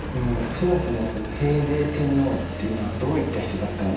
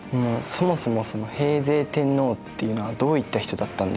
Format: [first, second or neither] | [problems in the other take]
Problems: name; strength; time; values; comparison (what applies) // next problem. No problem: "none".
second | background sound (Engine); 6 dB below the speech // room echo; dies away in 0.9 s